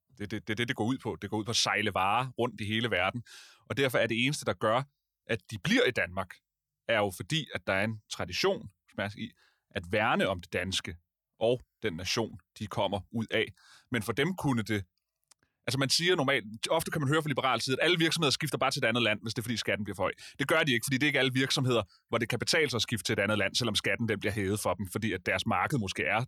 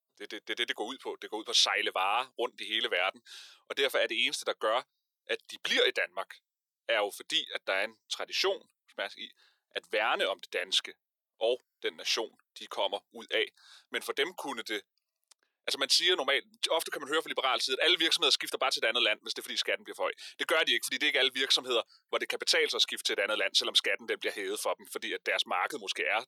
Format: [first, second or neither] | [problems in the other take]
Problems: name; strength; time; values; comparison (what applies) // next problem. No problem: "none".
first | thin; very; fading below 400 Hz